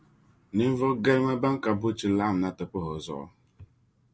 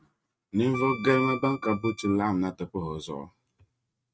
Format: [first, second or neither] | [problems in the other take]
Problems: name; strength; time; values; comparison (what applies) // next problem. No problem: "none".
first | noise reduction (neural mask model RNNoise)